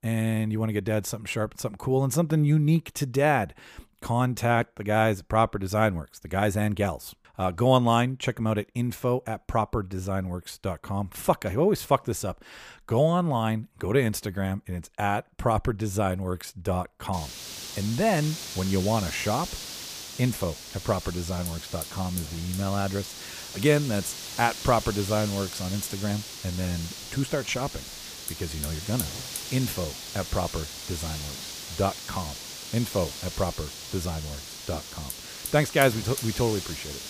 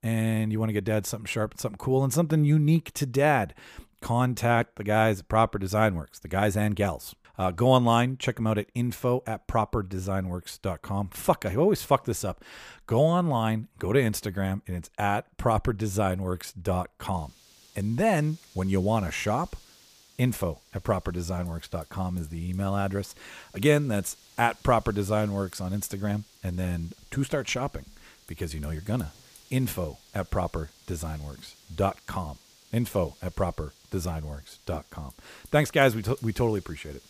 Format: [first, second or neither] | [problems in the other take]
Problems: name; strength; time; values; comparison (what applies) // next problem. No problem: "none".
second | hiss; loud; from 17 s on; 8 dB below the speech; faint in the second